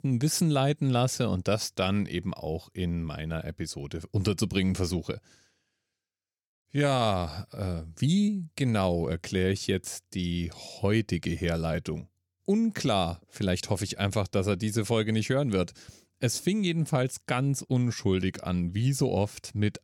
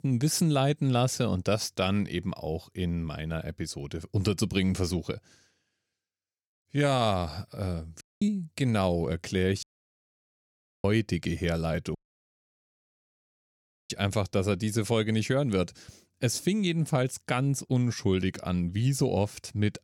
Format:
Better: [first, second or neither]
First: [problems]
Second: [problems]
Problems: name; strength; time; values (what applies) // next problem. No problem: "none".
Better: first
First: none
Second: audio cutting out; at 8 s, at 9.5 s for 1 s and at 12 s for 2 s